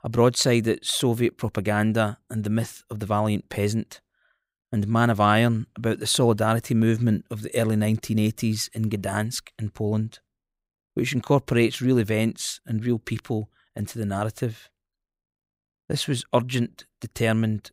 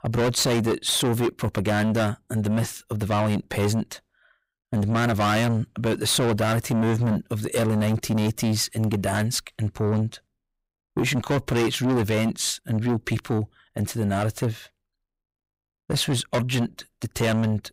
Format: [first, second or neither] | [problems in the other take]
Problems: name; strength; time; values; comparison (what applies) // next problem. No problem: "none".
first | distortion; heavy; 6 dB below the speech